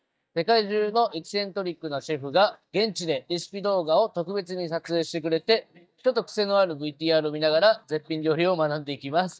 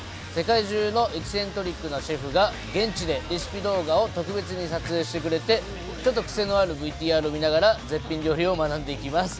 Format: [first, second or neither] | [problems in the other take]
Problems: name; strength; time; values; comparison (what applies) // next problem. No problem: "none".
second | noise reduction (neural mask model DeepFilterNet 3)